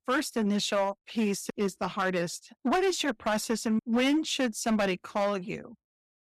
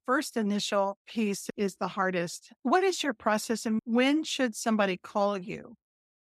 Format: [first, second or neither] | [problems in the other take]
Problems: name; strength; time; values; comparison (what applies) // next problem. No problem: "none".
second | distortion; slight; 7% of the sound clipped